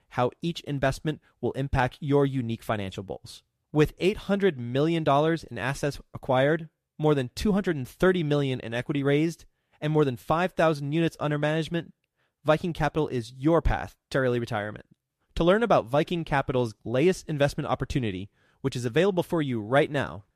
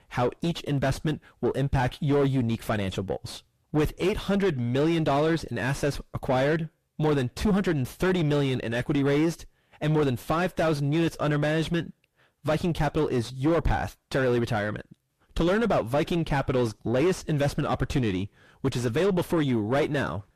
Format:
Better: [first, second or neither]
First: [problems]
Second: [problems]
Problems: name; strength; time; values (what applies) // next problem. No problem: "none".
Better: first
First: none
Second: distortion; heavy; 5 dB below the speech